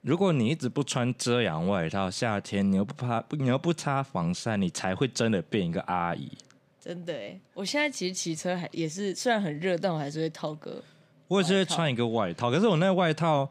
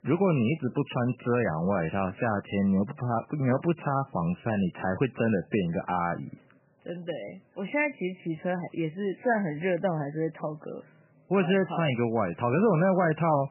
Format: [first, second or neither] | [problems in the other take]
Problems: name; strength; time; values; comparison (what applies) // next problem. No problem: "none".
first | garbled, watery; badly; nothing above 3 kHz